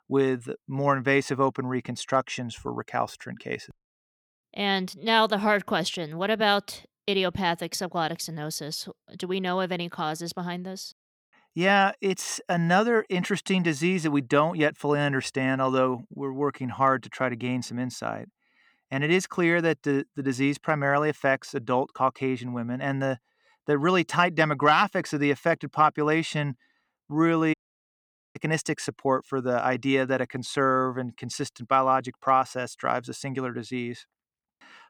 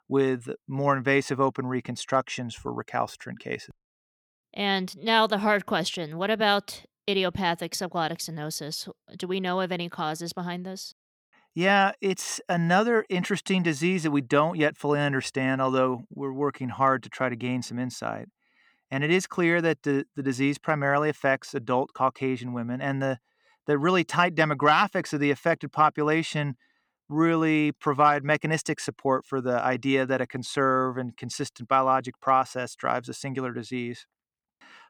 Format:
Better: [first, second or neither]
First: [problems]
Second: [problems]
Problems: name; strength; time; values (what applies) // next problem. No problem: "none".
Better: second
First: audio cutting out; at 28 s for 1 s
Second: none